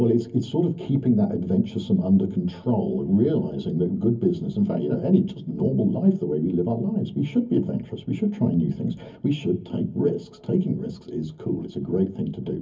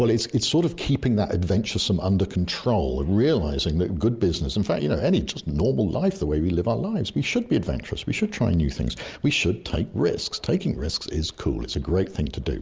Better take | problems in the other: second | room echo; dies away in 0.3 s

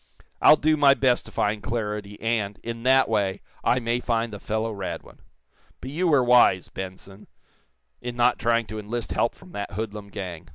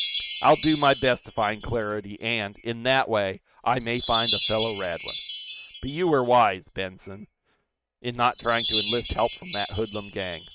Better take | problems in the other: first | noise reduction (neural mask model RNNoise)

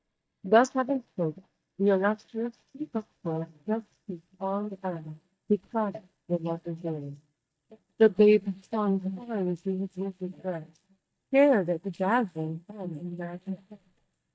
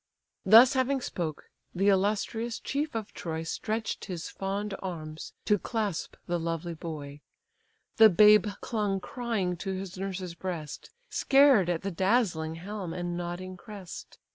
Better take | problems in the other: second | noise reduction (neural mask model DeepFilterNet 3)

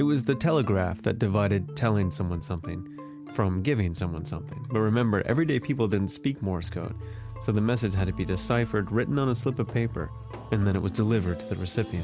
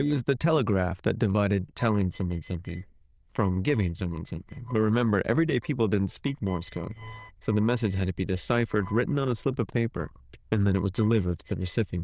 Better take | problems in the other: first | noise reduction (neural diffusion model UNIVERSE++)

